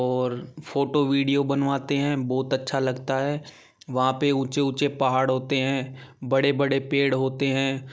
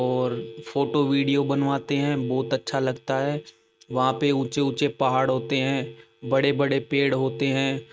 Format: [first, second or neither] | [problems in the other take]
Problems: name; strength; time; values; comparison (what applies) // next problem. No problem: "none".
first | noise reduction (neural mask model RNNoise)